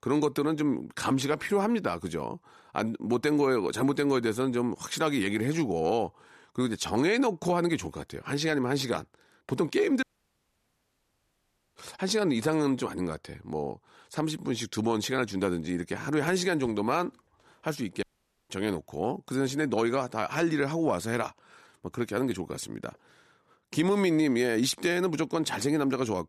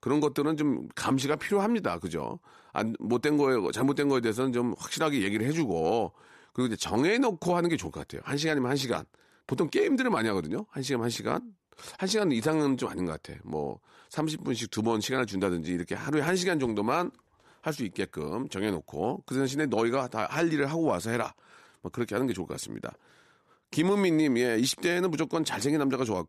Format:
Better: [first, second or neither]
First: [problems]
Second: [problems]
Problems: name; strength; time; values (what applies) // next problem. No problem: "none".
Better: second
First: audio cutting out; at 10 s for 1.5 s and at 18 s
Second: none